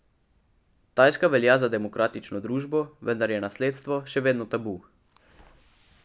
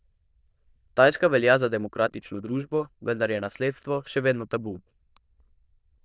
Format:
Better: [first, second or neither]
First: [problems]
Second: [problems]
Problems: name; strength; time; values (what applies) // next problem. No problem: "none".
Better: first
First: none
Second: noise reduction (neural diffusion model UNIVERSE++)